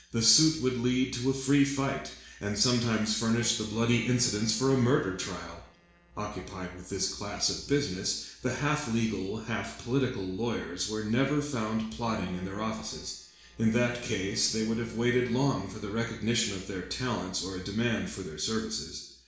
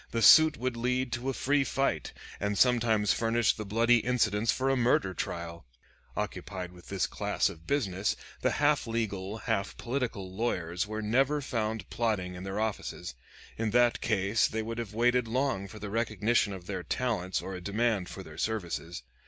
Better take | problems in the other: second | noise reduction (neural separator model SepFormer DNS4)

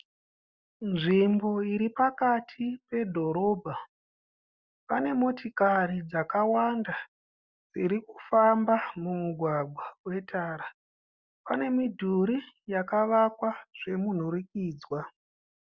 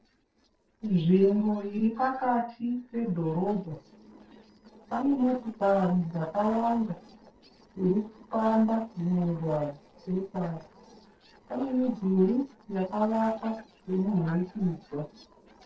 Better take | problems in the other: first | noise reduction (neural separator model SepFormer DNS4)

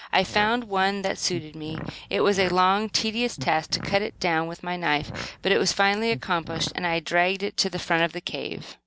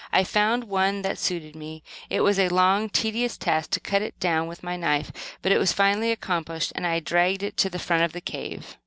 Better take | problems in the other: second | background sound (Fart); 14 dB below the speech

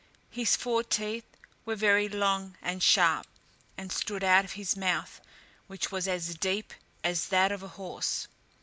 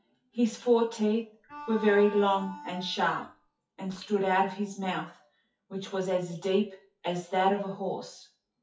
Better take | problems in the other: first | noise reduction (classical method WPE with log-MMSE)

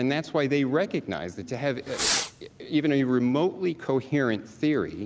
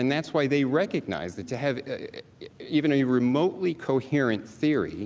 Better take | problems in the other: second | background sound (Fireworks); 6 dB below the speech

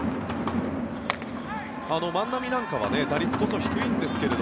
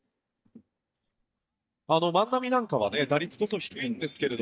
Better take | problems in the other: first | noise reduction (neural mask model DeepFilterNet 3)

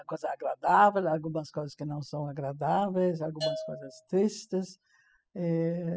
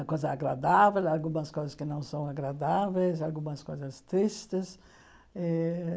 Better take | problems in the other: second | noise reduction (classical method spectral subtraction)

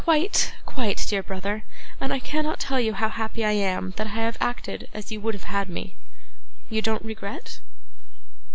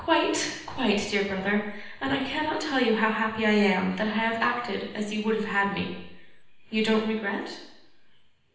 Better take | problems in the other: first | room echo; dies away in 0.9 s

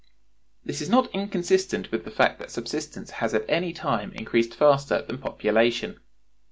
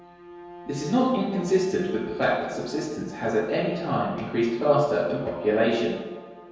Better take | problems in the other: first | background sound (Bowed string instrument); 17 dB below the speech // room echo; dies away in 1.2 s

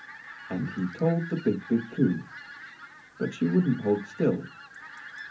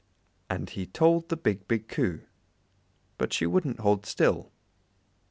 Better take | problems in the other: second | background sound (Fowl); 16 dB below the speech // room echo; dies away in 0.3 s

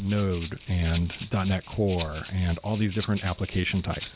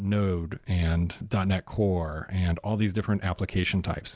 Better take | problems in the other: second | background sound (Rattle (instrument)); 16 dB below the speech

